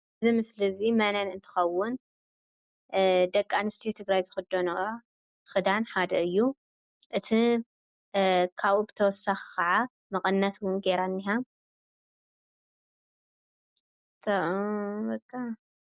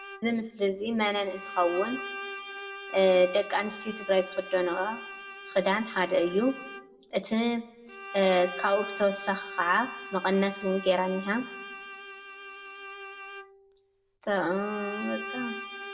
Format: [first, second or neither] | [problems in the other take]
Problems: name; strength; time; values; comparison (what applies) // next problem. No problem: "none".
first | background sound (Bowed string instrument); 12 dB below the speech // room echo; dies away in 0.7 s